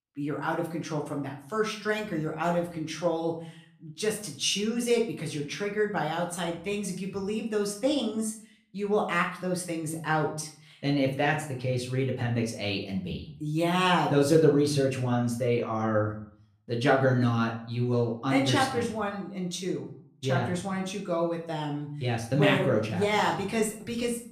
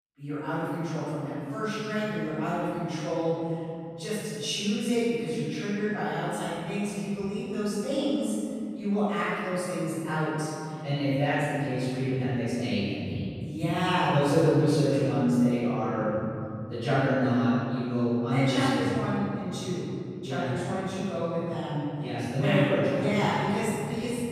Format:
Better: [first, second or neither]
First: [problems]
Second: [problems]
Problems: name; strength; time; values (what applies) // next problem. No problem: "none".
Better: first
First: room echo; slight; dies away in 0.4 s // off-mic speech; somewhat distant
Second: room echo; strong; dies away in 3 s // off-mic speech; far